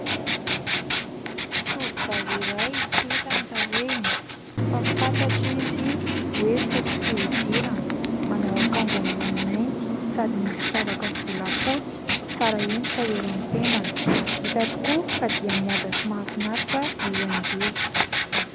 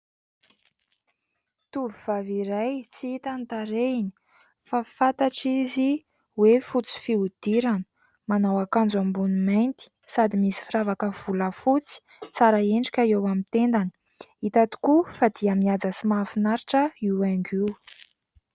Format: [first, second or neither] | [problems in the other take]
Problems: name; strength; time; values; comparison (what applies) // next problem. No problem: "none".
second | background sound (Writing); 4 dB above the speech